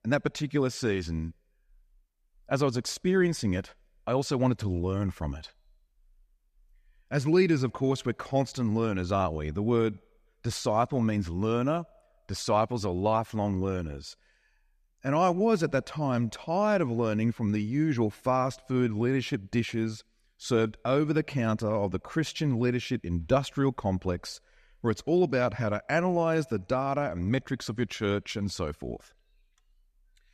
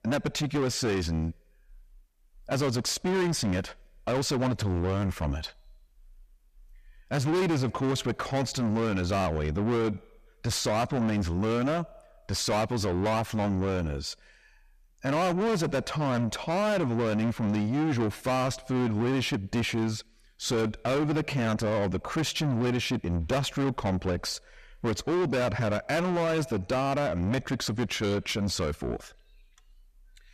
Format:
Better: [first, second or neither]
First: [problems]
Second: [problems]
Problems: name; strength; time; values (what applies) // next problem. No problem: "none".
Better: first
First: none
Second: distortion; heavy; 6 dB below the speech